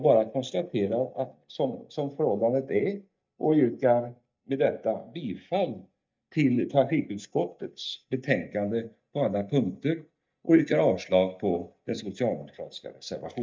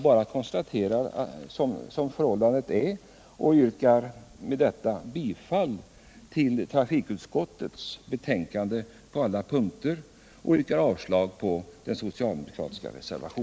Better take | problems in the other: second | noise reduction (neural mask model DeepFilterNet 3)

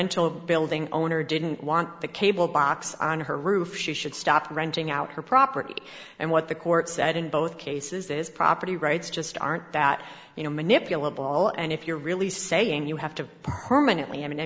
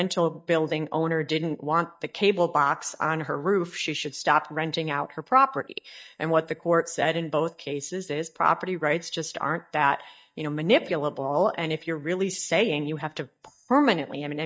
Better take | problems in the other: first | noise reduction (neural mask model DeepFilterNet 3)

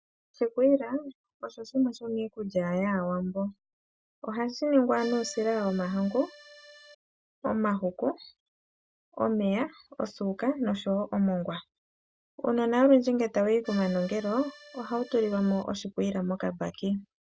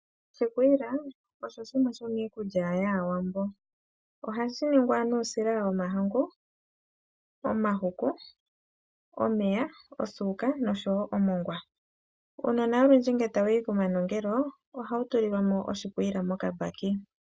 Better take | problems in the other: second | background sound (Accordion); 19 dB below the speech

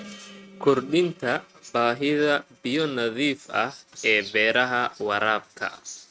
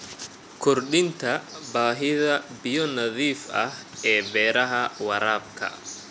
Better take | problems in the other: second | noise reduction (neural mask model RNNoise)

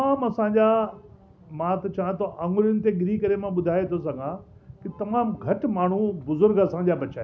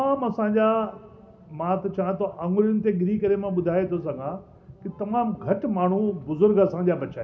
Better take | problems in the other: first | room echo; dies away in 0.8 s

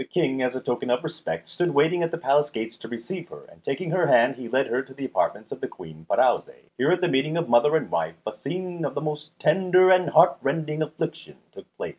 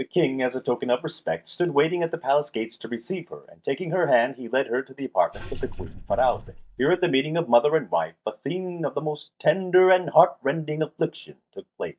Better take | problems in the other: first | noise reduction (neural mask model DeepFilterNet 3)

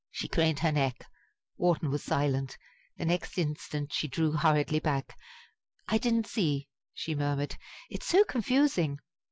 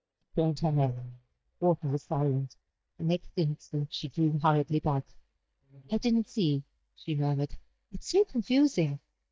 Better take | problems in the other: first | noise reduction (neural mask model DeepFilterNet 3)

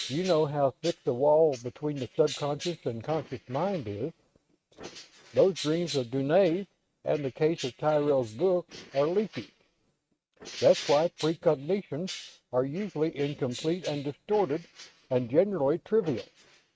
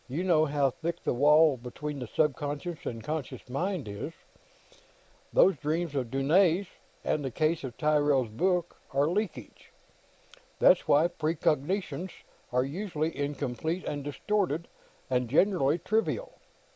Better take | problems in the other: second | noise reduction (neural mask model RNNoise)

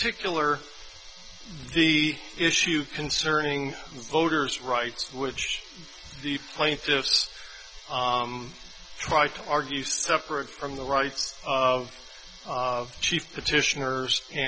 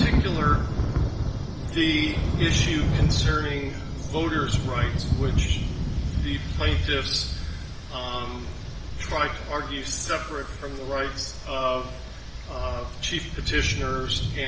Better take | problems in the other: first | background sound (Thunder / Rain); 2 dB above the speech // room echo; dies away in 1.1 s

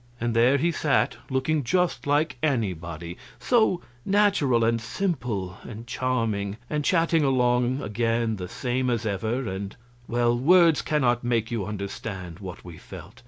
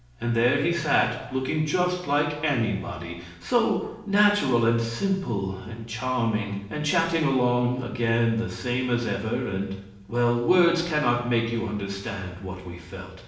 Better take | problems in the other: first | room echo; dies away in 0.9 s

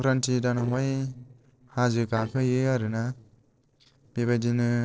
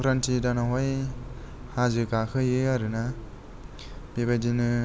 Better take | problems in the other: second | noise reduction (neural separator model SepFormer DNS4)

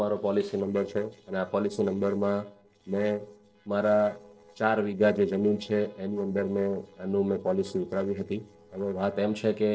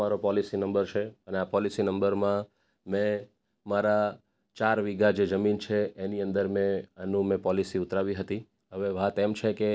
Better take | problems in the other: second | noise reduction (neural separator model SepFormer DNS4)

